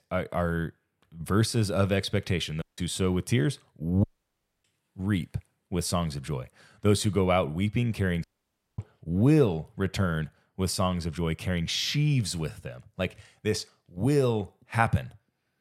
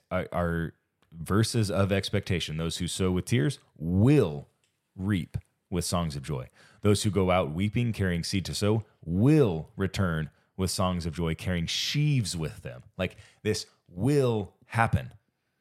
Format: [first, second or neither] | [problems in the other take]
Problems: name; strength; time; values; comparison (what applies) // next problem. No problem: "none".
second | audio cutting out; at 2.5 s, at 4 s for 0.5 s and at 8 s for 0.5 s